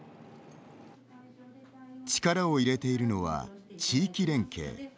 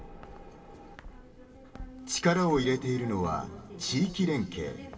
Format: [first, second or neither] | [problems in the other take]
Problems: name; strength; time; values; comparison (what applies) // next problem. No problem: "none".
first | background sound (Walk, footsteps); 18 dB below the speech // room echo; dies away in 2.3 s